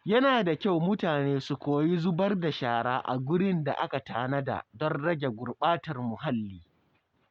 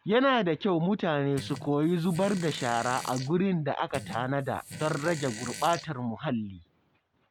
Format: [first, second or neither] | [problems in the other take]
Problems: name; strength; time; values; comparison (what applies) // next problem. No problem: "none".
first | background sound (Fart); 14 dB below the speech